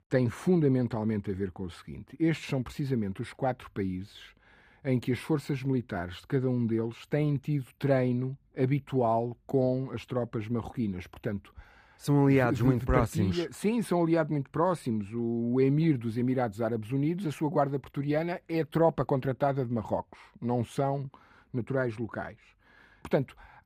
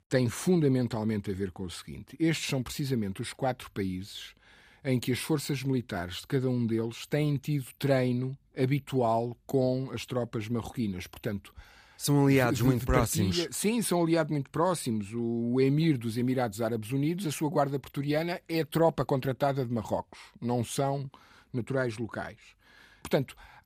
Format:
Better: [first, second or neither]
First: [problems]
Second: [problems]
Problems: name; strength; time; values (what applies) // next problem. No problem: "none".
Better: second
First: muffled; slightly; fading above 3 kHz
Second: none